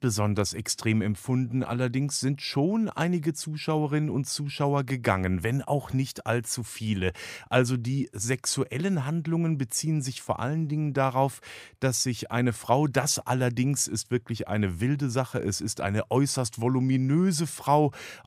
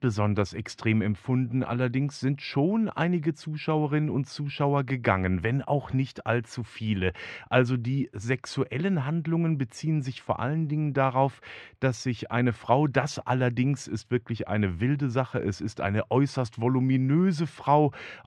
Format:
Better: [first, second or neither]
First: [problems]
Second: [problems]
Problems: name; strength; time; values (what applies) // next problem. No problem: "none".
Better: first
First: none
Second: muffled; slightly; fading above 2.5 kHz